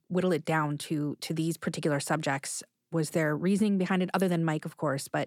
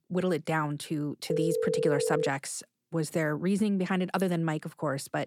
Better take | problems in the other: first | phone ringing; loud; at 1.5 s; peak 1 dB above the speech

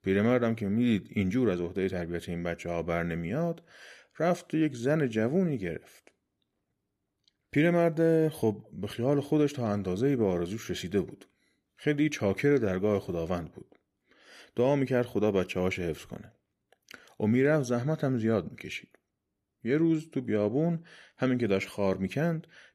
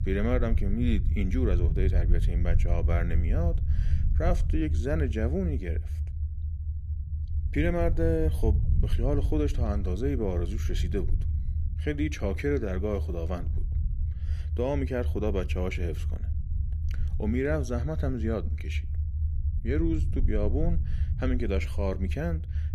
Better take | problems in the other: first | low rumble; noticeable; throughout; 15 dB below the speech

